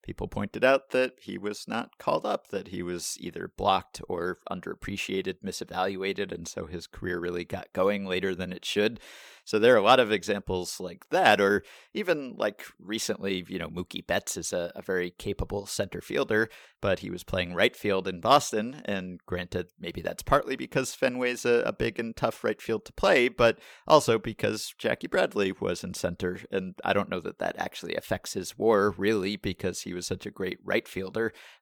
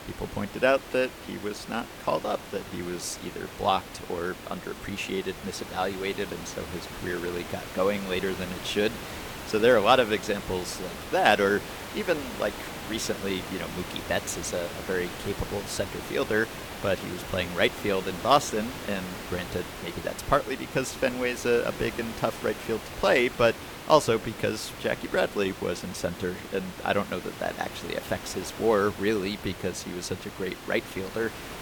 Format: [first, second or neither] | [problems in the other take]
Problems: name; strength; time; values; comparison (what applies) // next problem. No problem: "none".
first | hiss; noticeable; throughout; 10 dB below the speech